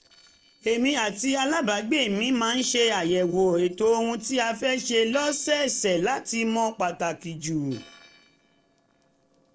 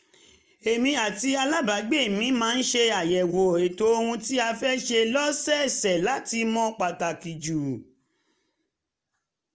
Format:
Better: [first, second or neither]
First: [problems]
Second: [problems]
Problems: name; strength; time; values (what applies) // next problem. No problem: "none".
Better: second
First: noise reduction (neural separator model SepFormer DNS4)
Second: none